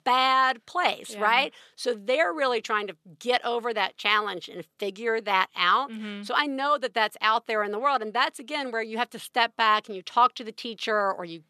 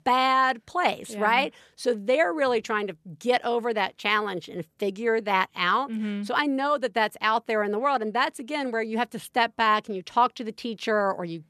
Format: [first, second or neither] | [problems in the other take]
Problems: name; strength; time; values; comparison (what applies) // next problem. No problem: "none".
second | thin; very slightly; fading below 800 Hz